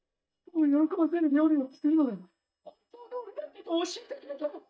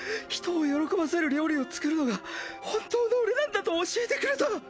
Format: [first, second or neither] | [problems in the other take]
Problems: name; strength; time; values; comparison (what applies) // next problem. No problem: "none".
second | noise reduction (neural mask model DeepFilterNet 3)